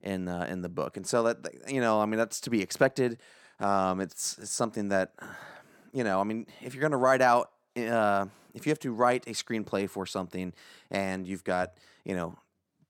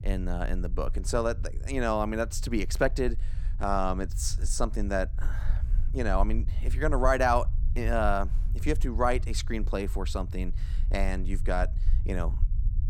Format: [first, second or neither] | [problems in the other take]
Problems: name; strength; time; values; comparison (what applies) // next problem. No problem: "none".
first | low rumble; faint; throughout; 20 dB below the speech